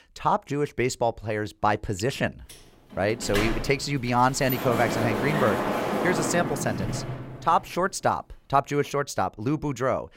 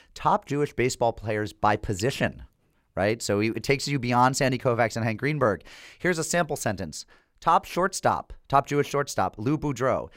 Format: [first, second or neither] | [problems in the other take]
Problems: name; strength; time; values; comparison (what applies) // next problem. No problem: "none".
second | door banging; noticeable; from 2.5 to 7.5 s; peak level with the speech